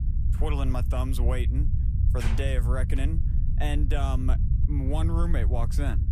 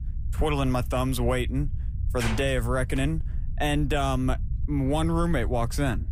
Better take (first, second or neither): second